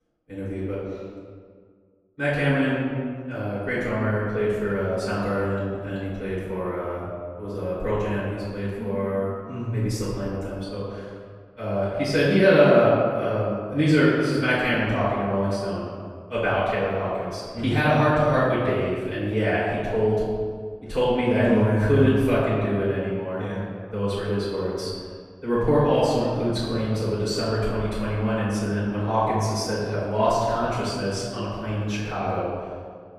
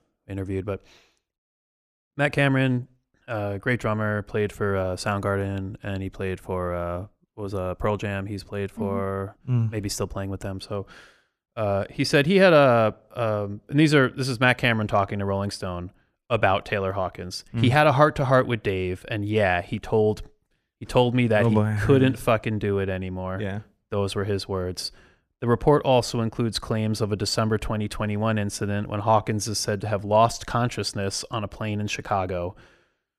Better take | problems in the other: second | off-mic speech; far // room echo; strong; dies away in 1.7 s

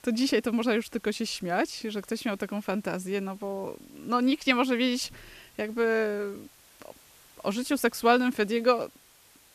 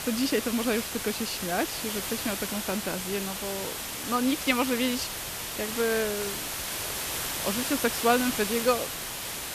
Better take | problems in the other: first | hiss; loud; throughout; 2 dB below the speech; faint in the first

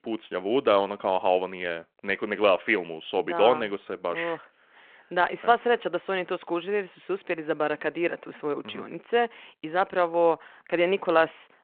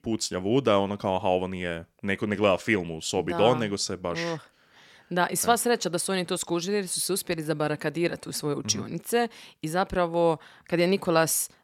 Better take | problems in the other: second | phone-call audio

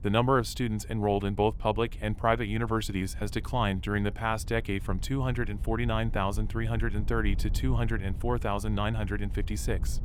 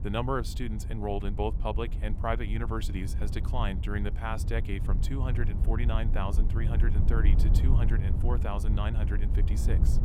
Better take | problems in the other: first | wind noise on the microphone; heavy; 9 dB below the speech; occasional gusts in the first

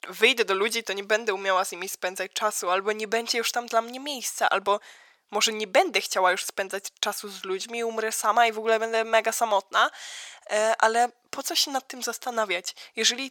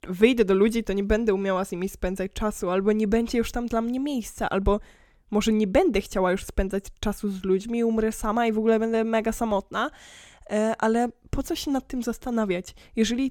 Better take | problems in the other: second | thin; very; fading below 800 Hz

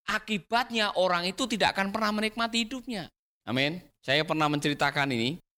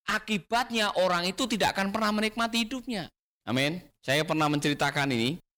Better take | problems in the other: first | distortion; slight; 5% of the sound clipped

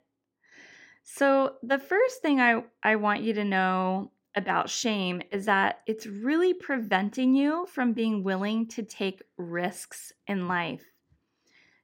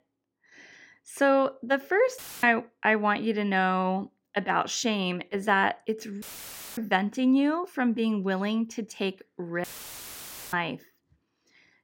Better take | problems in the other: first | audio cutting out; filled with static; at 2 s, at 6 s for 0.5 s and at 9.5 s for 1 s

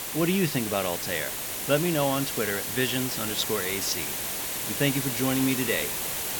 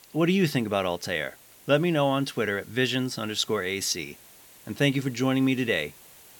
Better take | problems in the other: second | hiss; loud; throughout; 1 dB below the speech; faint in the second

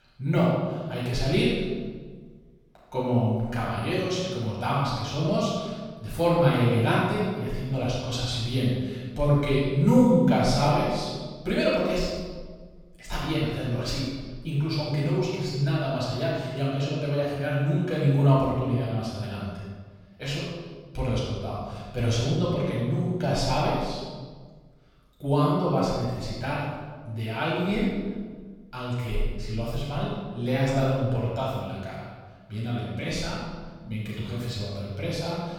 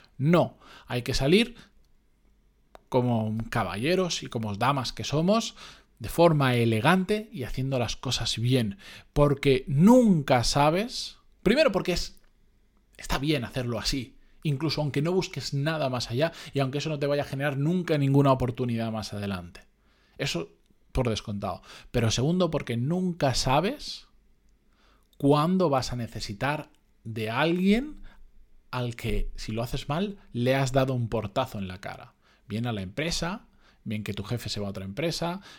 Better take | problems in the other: second | off-mic speech; far // room echo; strong; dies away in 1.4 s

